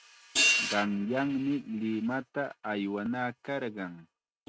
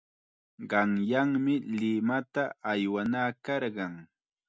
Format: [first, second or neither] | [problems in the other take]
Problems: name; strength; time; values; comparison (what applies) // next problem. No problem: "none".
second | noise reduction (neural mask model RNNoise)